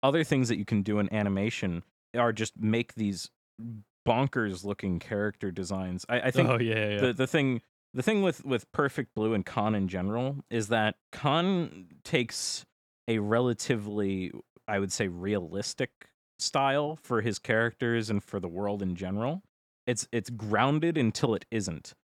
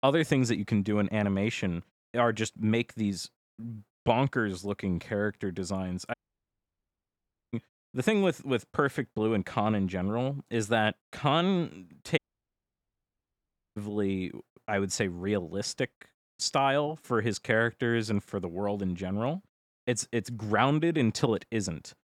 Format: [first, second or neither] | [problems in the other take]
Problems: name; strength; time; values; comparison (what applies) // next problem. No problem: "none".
first | audio cutting out; at 6 s for 1.5 s and at 12 s for 1.5 s